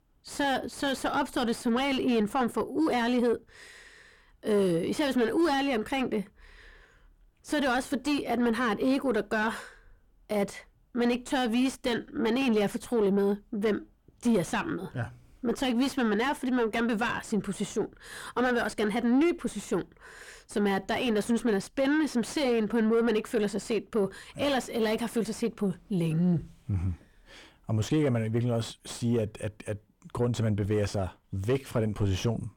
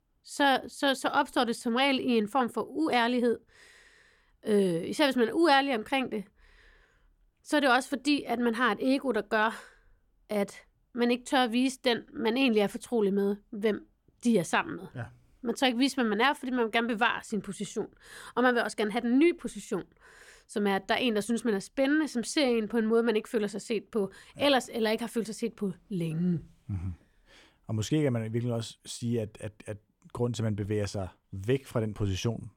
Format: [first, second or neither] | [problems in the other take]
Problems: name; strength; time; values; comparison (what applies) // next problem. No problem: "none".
second | distortion; heavy; 7 dB below the speech